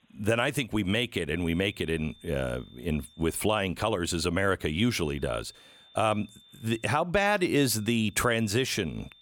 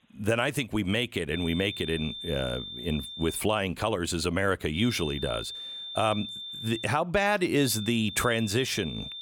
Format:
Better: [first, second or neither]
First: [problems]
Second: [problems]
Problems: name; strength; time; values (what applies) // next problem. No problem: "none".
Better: first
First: high-pitched whine; faint; from 1.5 to 3.5 s, from 4.5 to 7 s and from 7.5 s on; 3.5 kHz, 25 dB below the speech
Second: high-pitched whine; loud; from 1.5 to 3.5 s, from 4.5 to 7 s and from 7.5 s on; 3.5 kHz, 9 dB below the speech